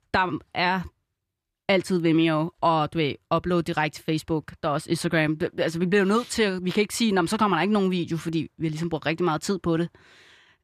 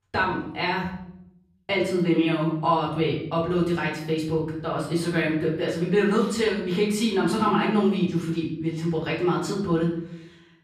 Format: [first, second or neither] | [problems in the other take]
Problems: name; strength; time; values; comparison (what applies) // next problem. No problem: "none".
first | off-mic speech; far // room echo; noticeable; dies away in 0.7 s